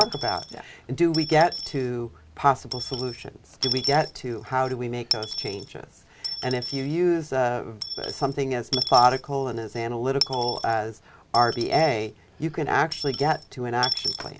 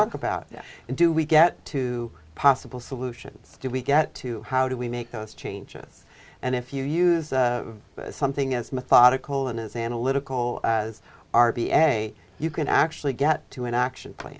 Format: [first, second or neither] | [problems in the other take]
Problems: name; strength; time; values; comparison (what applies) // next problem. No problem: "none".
second | background sound (Coin (dropping) / Dishes, pots, and pans); 9 dB below the speech